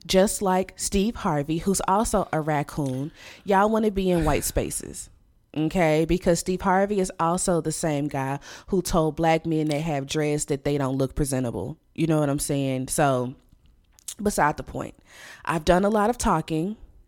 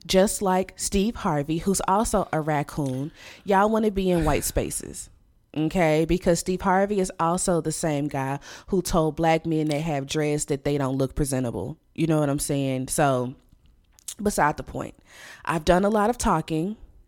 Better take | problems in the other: neither | none

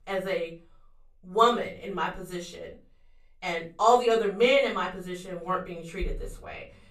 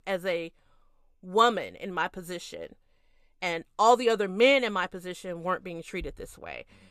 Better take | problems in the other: second | off-mic speech; far // room echo; very slight; dies away in 0.3 s

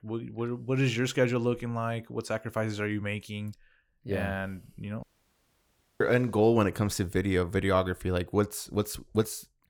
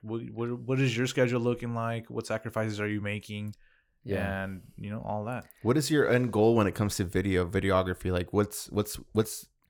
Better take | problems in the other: second | audio cutting out; at 5 s for 1 s

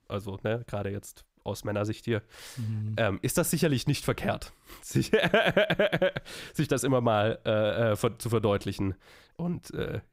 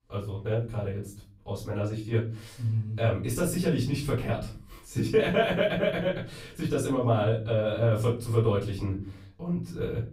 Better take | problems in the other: first | off-mic speech; far // room echo; slight; dies away in 0.6 s

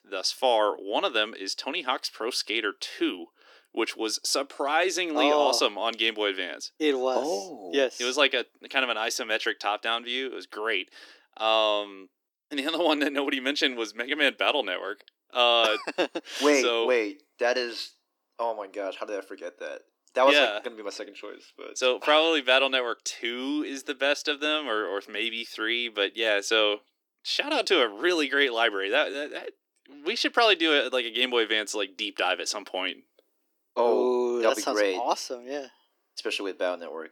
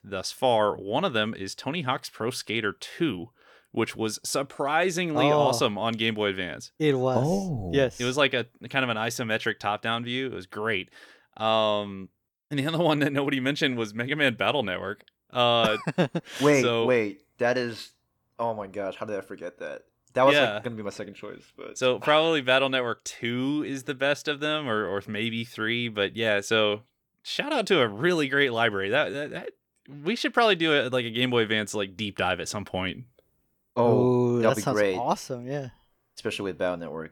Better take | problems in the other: second | thin; very slightly; fading below 300 Hz

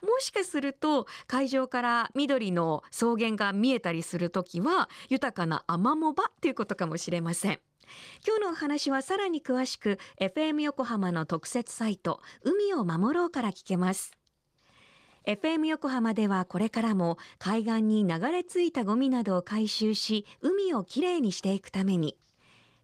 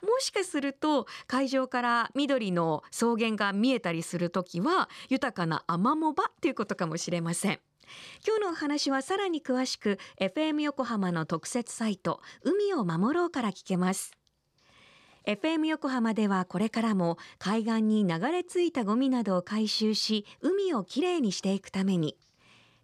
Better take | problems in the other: second | garbled, watery; slightly; nothing above 15.5 kHz

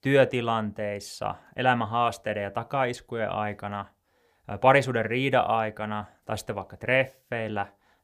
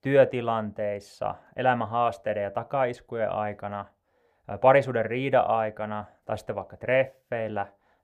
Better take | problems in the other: first | muffled; slightly; fading above 3 kHz

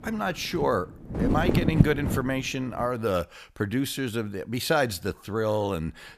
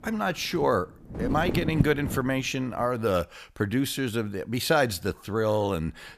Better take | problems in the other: second | wind noise on the microphone; heavy; until 3 s; 4 dB below the speech; occasional gusts in the second

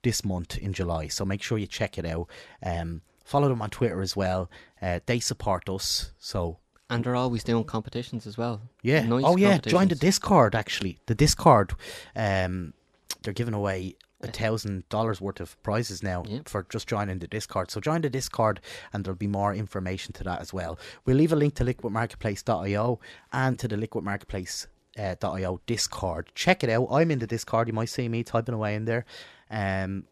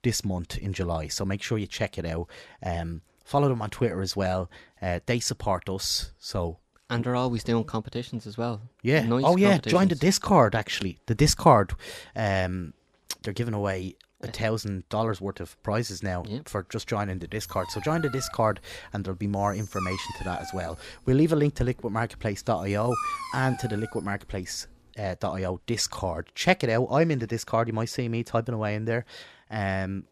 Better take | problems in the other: first | dog barking; noticeable; from 17 to 24 s; peak 3 dB below the speech

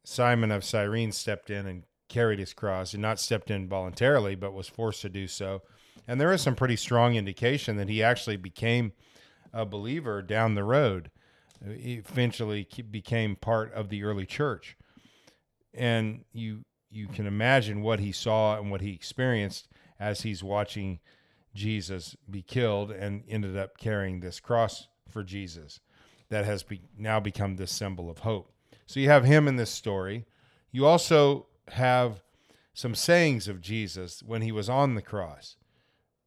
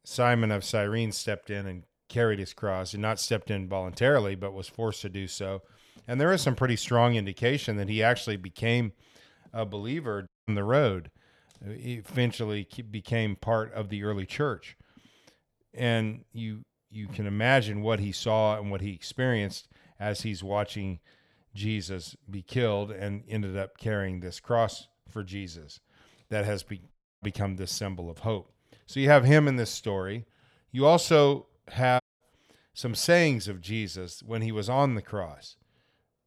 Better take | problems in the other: first | audio cutting out; at 10 s, at 27 s and at 32 s

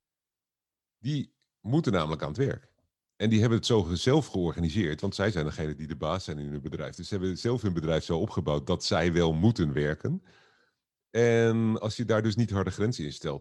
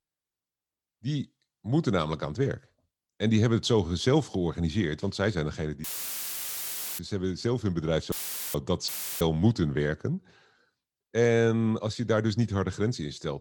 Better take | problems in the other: first | audio cutting out; filled with static; at 6 s for 1 s, at 8 s and at 9 s

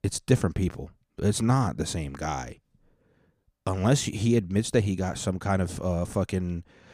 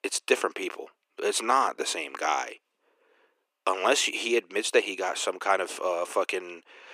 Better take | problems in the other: first | thin; very; fading below 350 Hz

